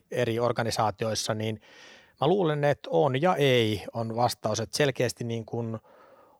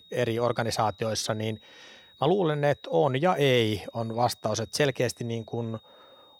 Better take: first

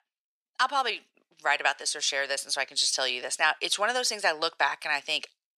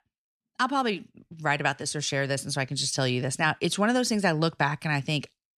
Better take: second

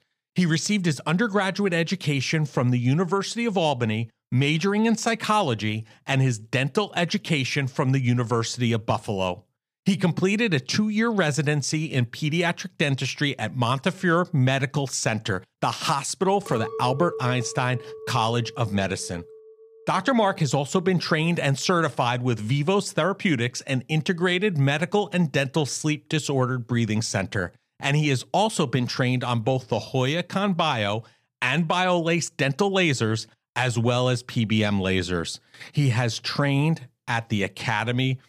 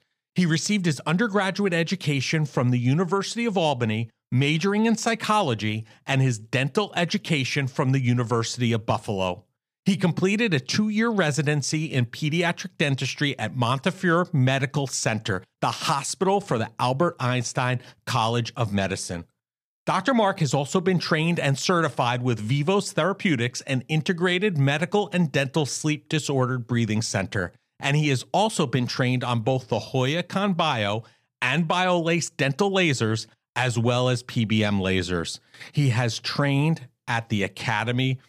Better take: second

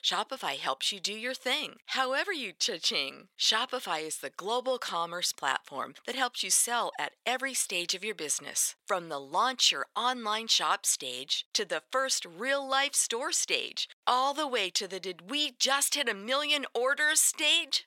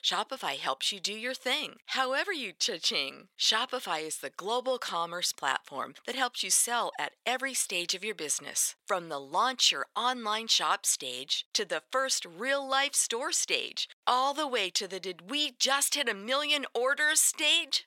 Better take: neither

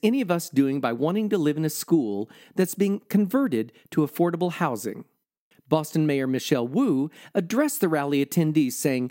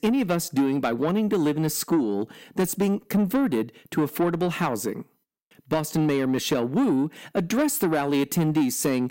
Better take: first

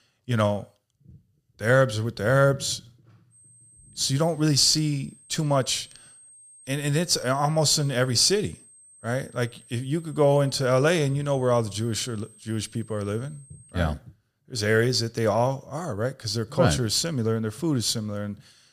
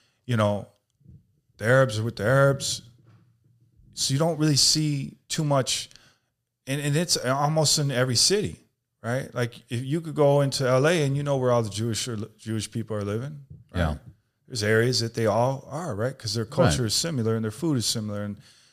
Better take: second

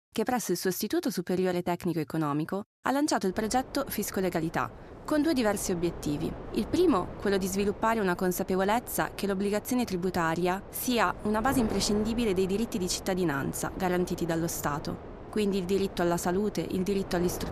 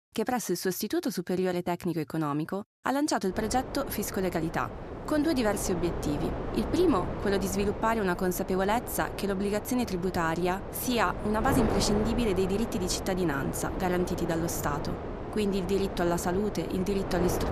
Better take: first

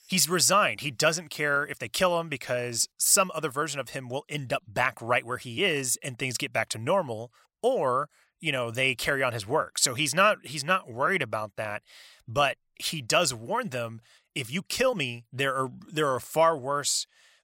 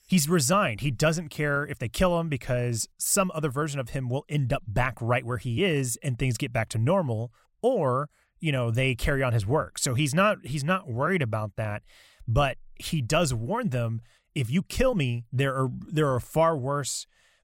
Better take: second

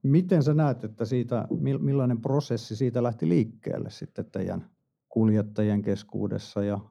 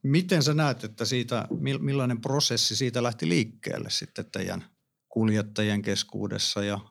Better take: second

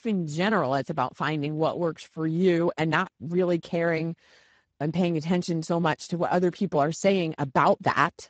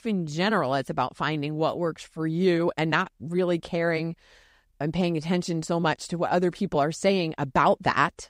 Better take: second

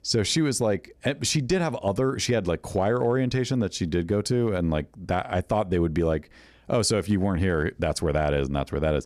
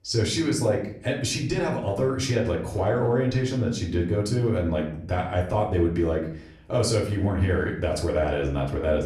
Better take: first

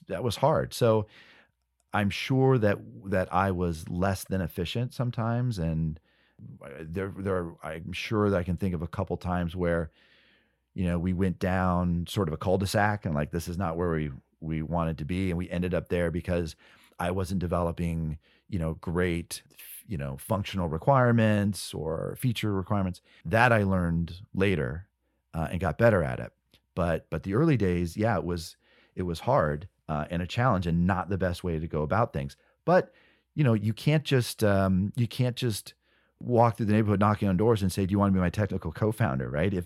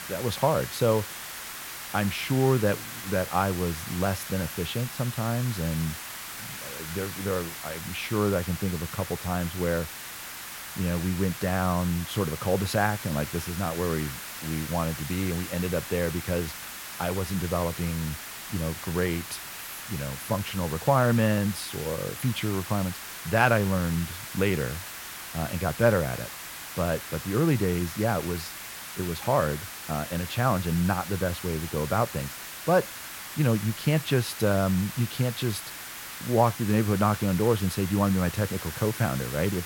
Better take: first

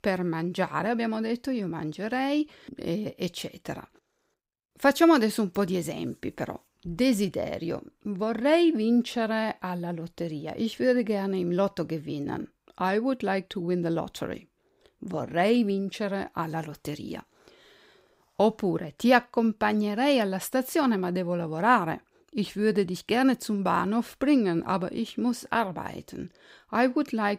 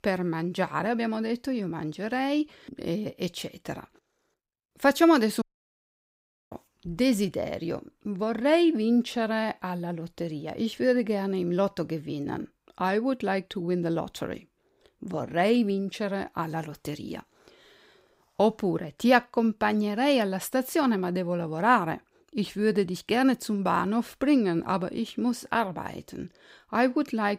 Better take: first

